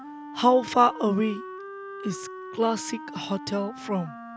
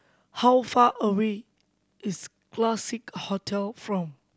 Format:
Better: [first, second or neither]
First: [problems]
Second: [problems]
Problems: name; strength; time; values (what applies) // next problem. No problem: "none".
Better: second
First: background sound (Wind instrument, woodwind instrument); 13 dB below the speech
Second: none